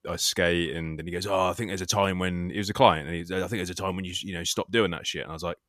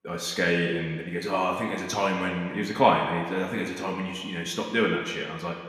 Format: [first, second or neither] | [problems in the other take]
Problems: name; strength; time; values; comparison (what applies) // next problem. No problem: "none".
first | room echo; noticeable; dies away in 1.6 s // off-mic speech; somewhat distant